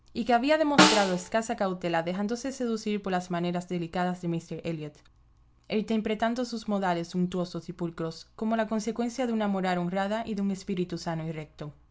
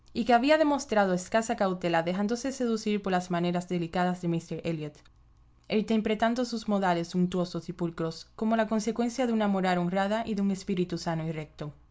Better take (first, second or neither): second